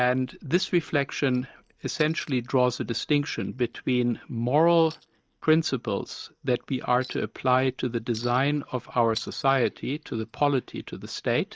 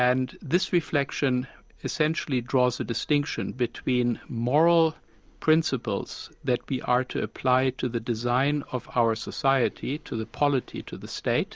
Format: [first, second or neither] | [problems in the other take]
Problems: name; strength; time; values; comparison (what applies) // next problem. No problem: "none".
second | noise reduction (neural mask model DeepFilterNet 3)